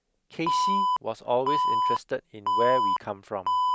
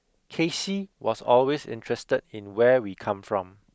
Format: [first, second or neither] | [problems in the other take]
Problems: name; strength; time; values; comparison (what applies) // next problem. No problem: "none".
second | background sound (Alarm); 5 dB above the speech